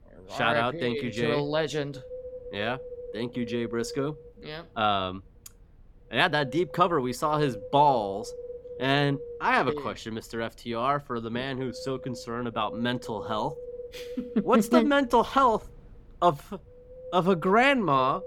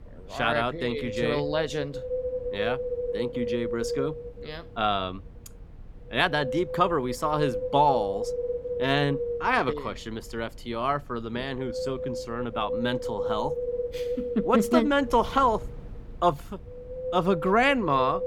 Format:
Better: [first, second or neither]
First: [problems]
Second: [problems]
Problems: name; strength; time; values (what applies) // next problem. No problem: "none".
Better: first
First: wind noise on the microphone; occasional gusts; 15 dB below the speech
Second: wind noise on the microphone; heavy; 7 dB below the speech